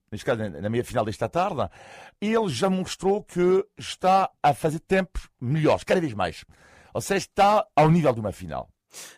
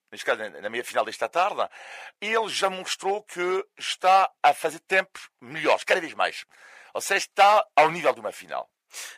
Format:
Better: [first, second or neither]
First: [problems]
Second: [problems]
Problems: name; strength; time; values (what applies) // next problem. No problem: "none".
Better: first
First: none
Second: thin; very; fading below 600 Hz